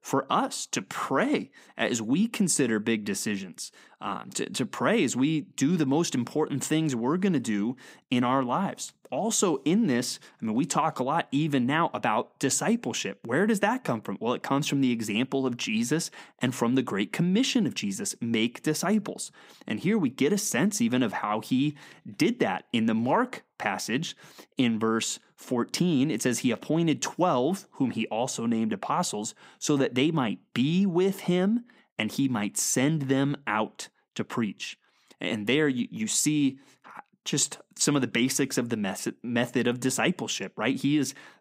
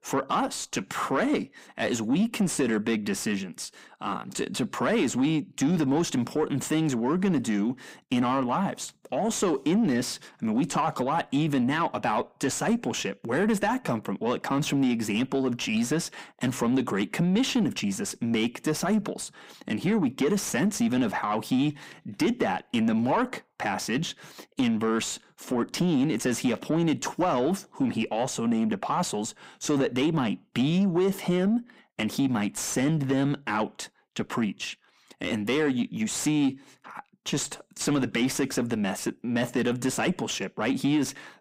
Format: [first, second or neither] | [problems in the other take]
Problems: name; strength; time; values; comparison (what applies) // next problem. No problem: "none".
first | distortion; slight; 10 dB below the speech